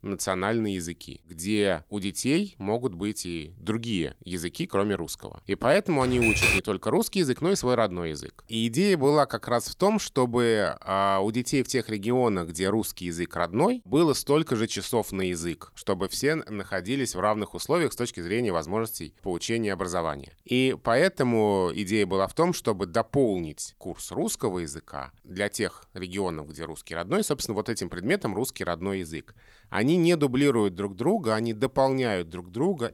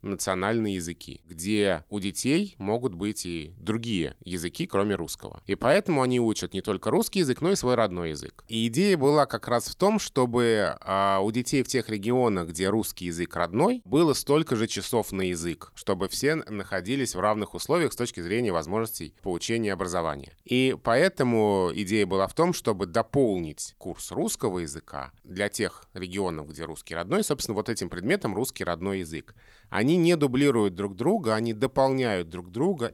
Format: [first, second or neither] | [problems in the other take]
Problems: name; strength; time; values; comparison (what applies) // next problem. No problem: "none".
second | keyboard typing; loud; at 6 s; peak 6 dB above the speech